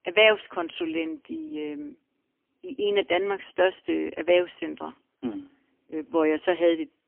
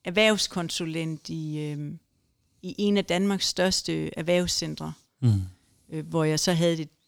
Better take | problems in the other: second | phone-call audio; poor line; nothing above 3 kHz

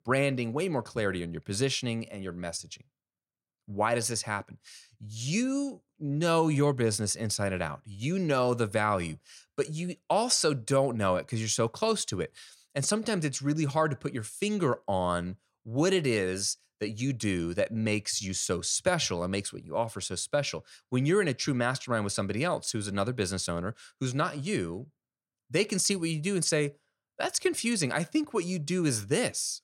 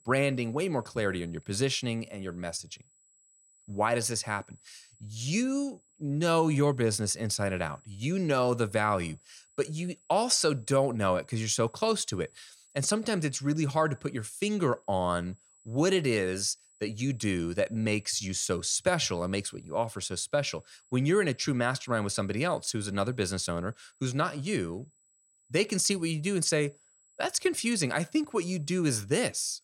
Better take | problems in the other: first | high-pitched whine; faint; throughout; 8 kHz, 30 dB below the speech

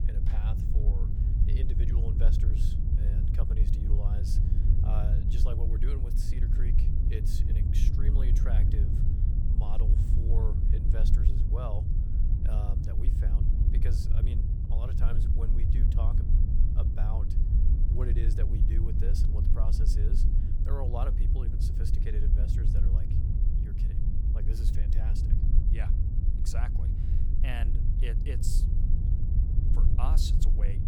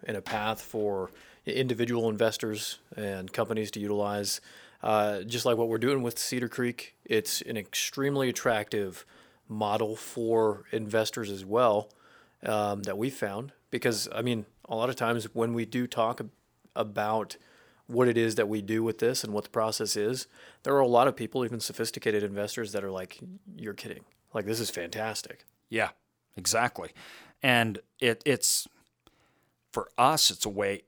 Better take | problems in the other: second | low rumble; loud; throughout; as loud as the speech

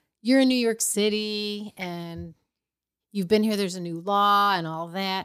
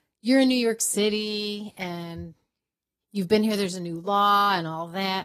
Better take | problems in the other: first | garbled, watery; slightly; nothing above 15 kHz

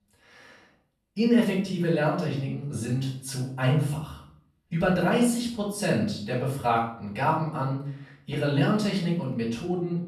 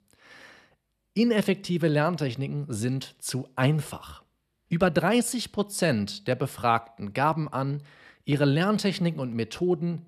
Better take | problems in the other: second | off-mic speech; far // room echo; noticeable; dies away in 0.5 s

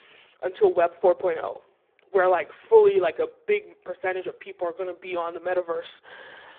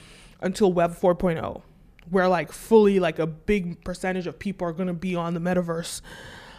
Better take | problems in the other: second | phone-call audio; poor line

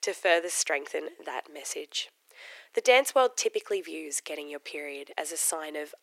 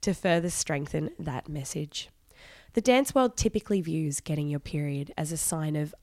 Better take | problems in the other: second | thin; very; fading below 400 Hz

